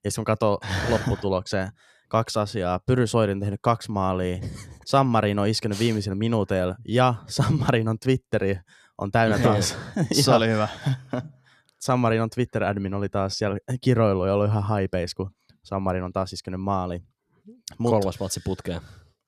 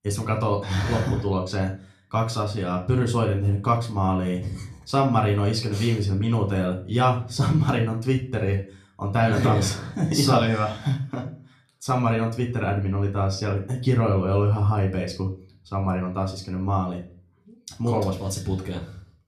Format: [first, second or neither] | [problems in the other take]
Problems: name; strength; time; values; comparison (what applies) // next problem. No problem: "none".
first | room echo; slight; dies away in 0.3 s // off-mic speech; somewhat distant